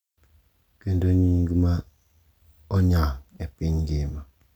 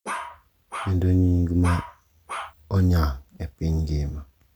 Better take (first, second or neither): first